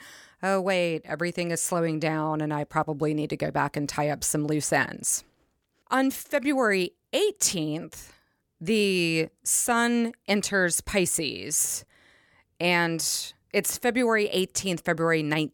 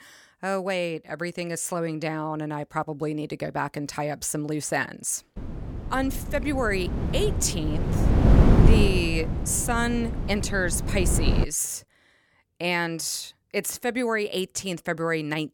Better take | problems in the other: first | wind noise on the microphone; heavy; from 5.5 to 11 s; 4 dB below the speech

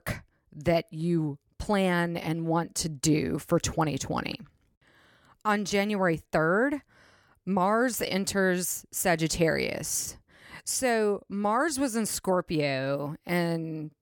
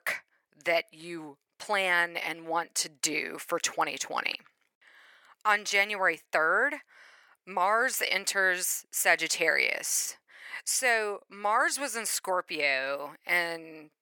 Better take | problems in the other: first | thin; very; fading below 650 Hz

